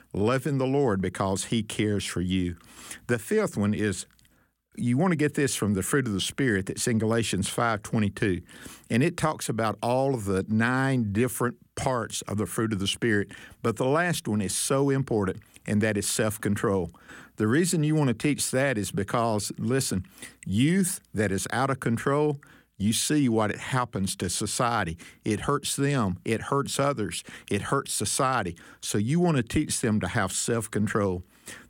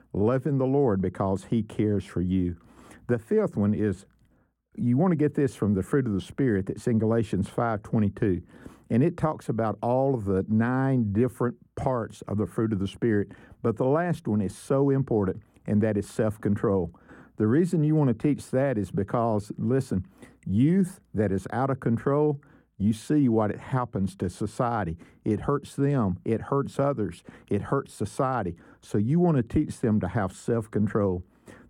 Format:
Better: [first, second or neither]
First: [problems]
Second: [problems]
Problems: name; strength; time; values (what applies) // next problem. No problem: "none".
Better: first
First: none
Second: muffled; very; fading above 1.5 kHz